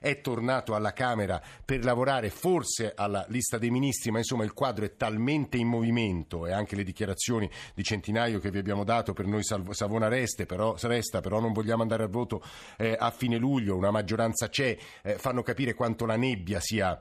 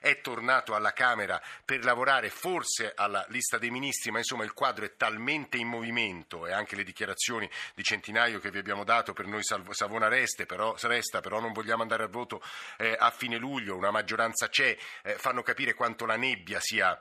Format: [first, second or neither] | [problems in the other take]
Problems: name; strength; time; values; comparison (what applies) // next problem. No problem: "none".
first | thin; somewhat; fading below 700 Hz